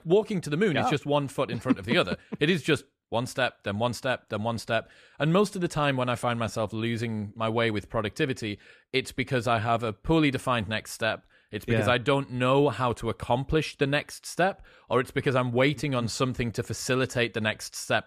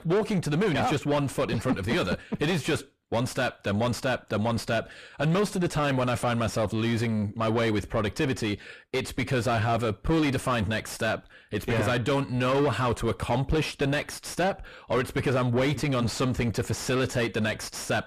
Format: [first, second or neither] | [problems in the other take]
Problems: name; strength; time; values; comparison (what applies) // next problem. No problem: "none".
first | distortion; heavy; 5 dB below the speech